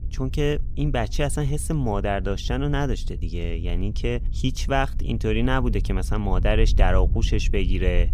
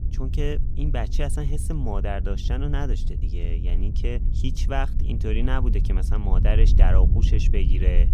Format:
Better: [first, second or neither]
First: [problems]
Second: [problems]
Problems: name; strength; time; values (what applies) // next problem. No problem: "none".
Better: first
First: wind noise on the microphone; occasional gusts; 20 dB below the speech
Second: wind noise on the microphone; heavy; 9 dB below the speech